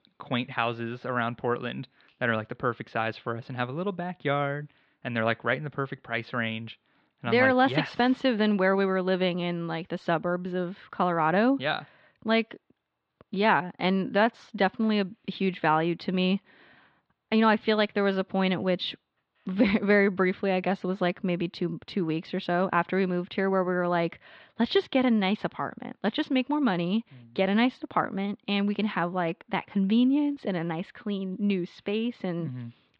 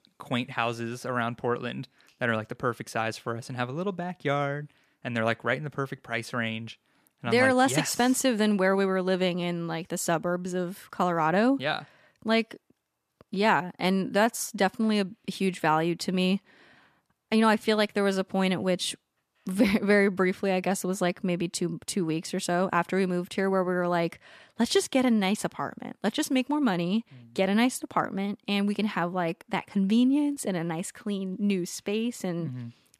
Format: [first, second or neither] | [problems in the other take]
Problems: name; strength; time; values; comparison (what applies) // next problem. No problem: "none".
second | muffled; slightly; fading above 4 kHz